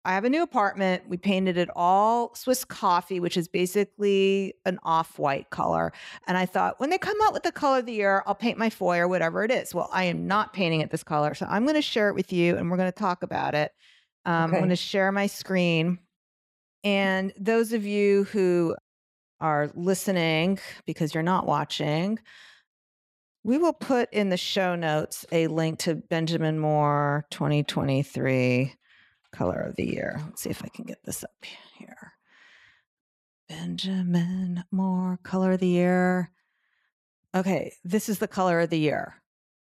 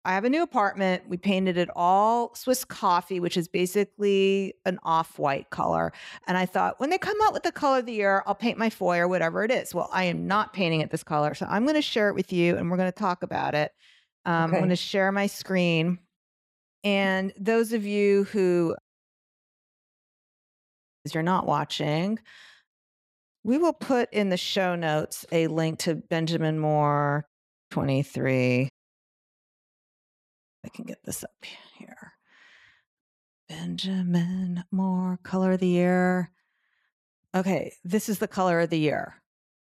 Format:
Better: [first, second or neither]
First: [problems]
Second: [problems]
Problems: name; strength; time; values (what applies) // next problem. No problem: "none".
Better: first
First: none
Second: audio cutting out; at 19 s for 2 s, at 27 s and at 29 s for 2 s